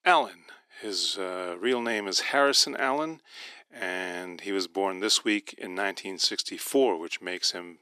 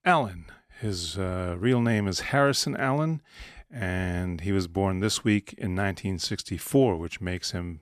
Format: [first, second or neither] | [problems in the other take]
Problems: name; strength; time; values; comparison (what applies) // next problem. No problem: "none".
second | thin; somewhat; fading below 300 Hz